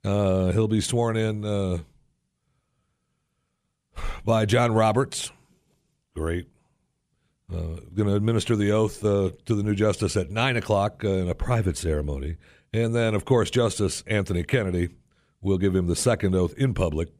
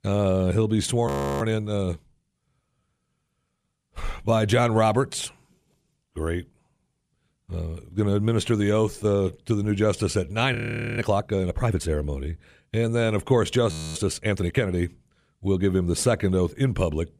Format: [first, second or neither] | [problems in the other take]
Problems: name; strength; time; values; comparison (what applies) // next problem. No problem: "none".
first | audio freezing; at 1 s, at 11 s and at 14 s